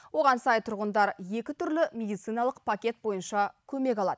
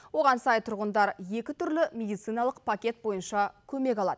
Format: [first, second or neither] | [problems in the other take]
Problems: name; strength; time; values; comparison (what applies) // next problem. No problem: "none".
second | noise reduction (neural mask model Resemble Enhance denoiser)